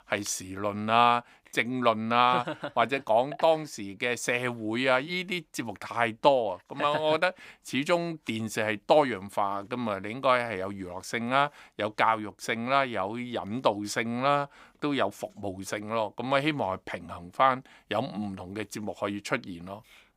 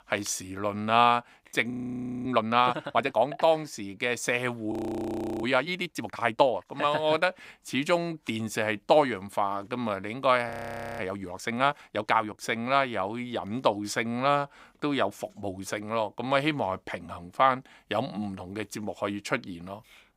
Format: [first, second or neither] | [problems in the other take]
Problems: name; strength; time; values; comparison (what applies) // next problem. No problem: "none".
first | audio freezing; at 1.5 s for 0.5 s, at 4.5 s for 0.5 s and at 11 s